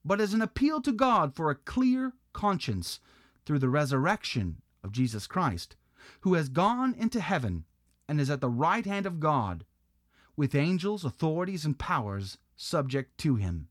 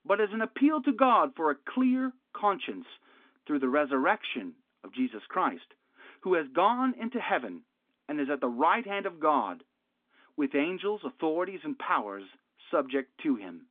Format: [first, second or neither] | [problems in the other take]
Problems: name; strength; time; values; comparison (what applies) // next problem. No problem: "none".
first | phone-call audio; nothing above 3.5 kHz